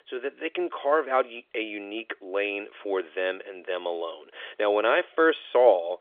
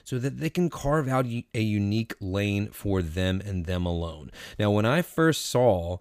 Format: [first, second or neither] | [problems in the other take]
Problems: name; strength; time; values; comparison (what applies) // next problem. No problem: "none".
second | phone-call audio; nothing above 3.5 kHz